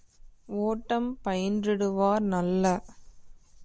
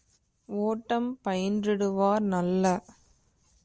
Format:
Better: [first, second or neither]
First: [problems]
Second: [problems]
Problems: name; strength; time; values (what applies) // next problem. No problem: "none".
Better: second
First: background sound (Fire); 19 dB below the speech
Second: none